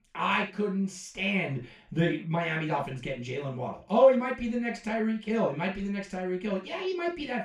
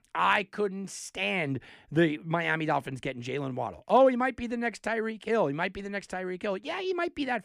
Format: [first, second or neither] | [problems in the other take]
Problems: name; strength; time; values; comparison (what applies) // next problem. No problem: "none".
second | room echo; slight; dies away in 0.3 s // off-mic speech; far